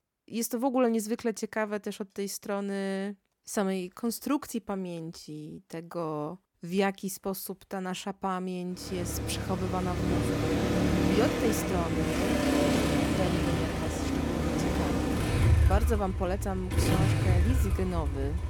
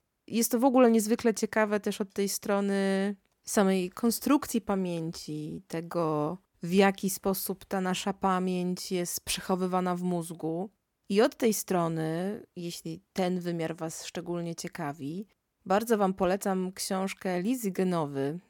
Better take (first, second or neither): second